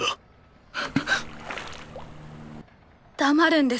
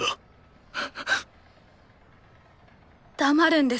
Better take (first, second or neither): second